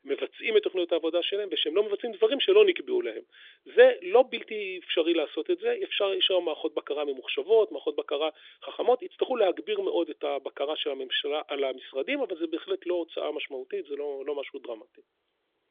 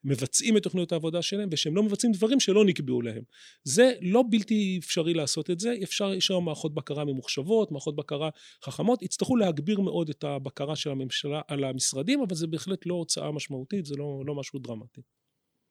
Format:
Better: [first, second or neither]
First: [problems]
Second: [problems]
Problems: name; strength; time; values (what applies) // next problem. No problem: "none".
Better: second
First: phone-call audio; nothing above 3.5 kHz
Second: none